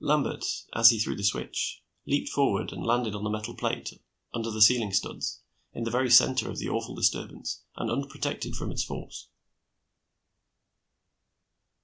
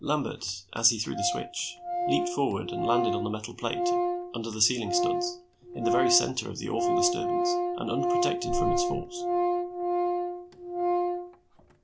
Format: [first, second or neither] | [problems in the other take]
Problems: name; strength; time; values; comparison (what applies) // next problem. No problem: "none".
first | background sound (Organ); 3 dB above the speech